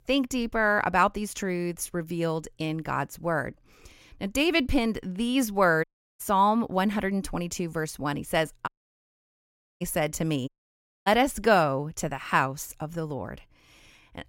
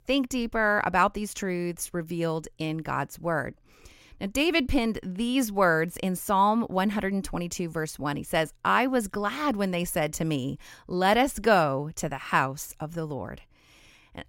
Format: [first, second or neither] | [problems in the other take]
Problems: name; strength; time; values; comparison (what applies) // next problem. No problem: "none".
second | audio cutting out; at 6 s, at 8.5 s for 1 s and at 10 s for 0.5 s